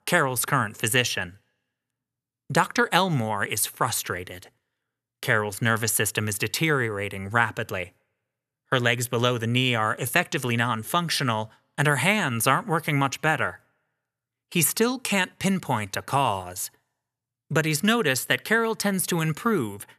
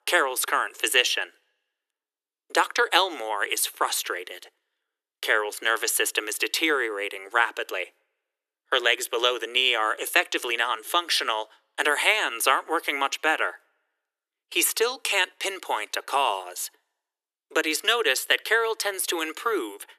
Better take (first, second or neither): first